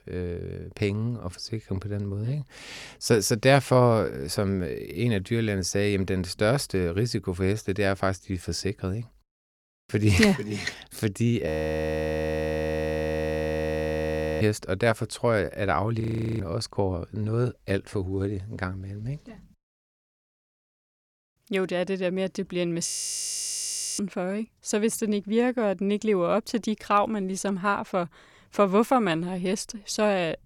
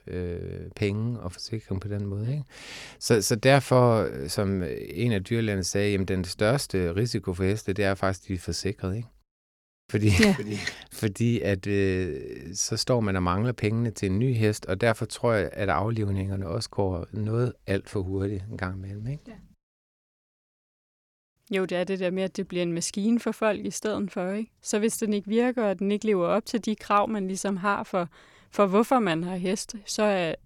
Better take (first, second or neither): second